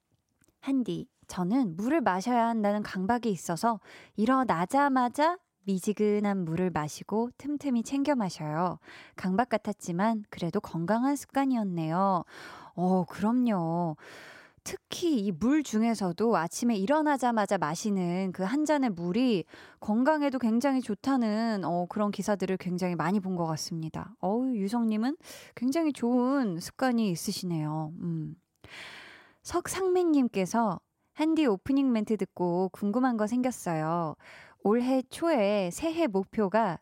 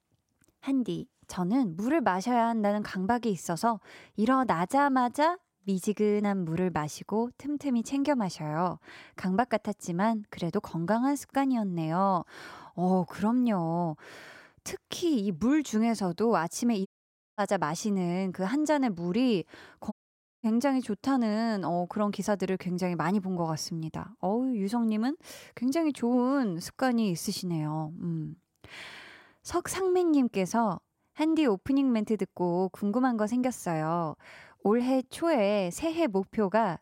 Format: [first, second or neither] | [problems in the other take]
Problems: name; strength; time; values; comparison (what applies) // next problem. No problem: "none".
first | audio cutting out; at 17 s for 0.5 s and at 20 s for 0.5 s